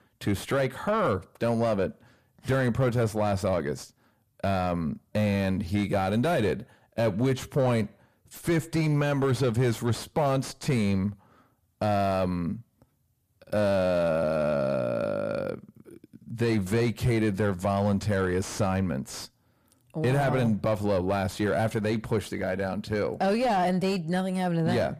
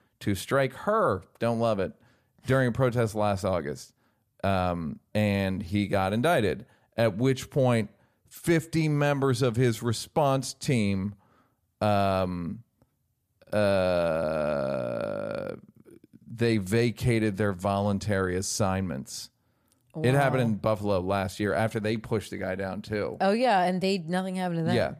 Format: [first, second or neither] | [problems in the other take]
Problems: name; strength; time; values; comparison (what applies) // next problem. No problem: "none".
second | distortion; slight; 10 dB below the speech